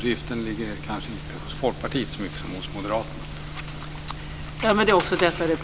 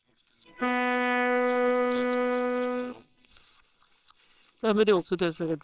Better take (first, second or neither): first